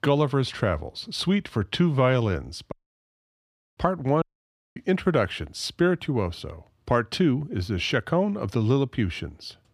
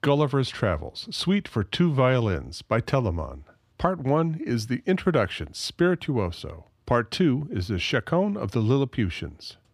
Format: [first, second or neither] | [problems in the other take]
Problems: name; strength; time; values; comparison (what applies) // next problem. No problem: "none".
second | audio cutting out; at 2.5 s for 1 s and at 4 s for 0.5 s